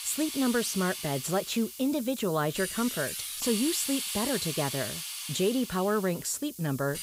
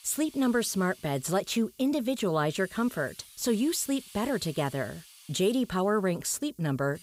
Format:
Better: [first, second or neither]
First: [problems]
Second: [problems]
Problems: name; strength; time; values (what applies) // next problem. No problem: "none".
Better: second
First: hiss; loud; throughout; 5 dB below the speech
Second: hiss; faint; throughout; 20 dB below the speech